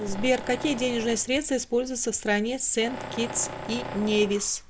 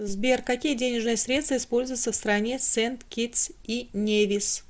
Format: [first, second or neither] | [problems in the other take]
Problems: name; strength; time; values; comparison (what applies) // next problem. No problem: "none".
second | background sound (Tools); 13 dB below the speech